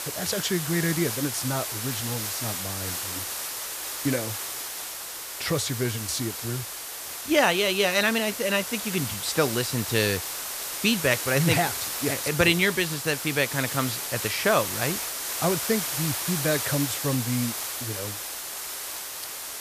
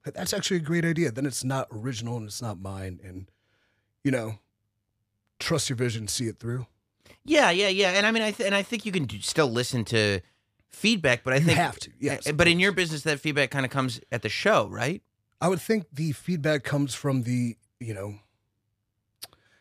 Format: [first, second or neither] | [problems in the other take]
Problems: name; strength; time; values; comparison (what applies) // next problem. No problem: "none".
second | hiss; loud; throughout; 4 dB below the speech